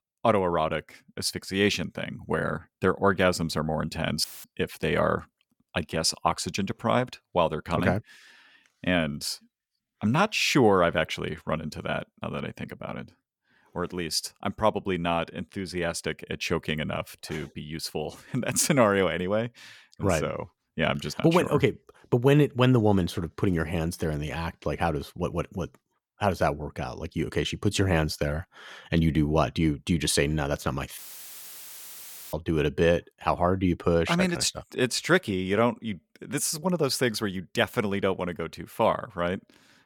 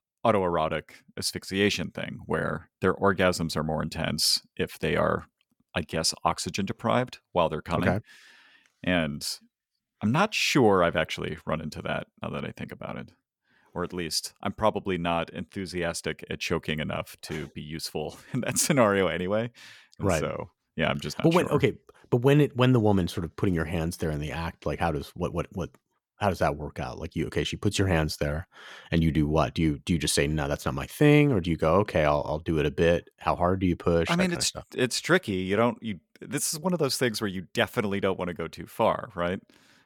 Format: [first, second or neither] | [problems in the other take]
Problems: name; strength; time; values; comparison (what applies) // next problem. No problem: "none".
second | audio cutting out; filled with static; at 4 s and at 31 s for 1.5 s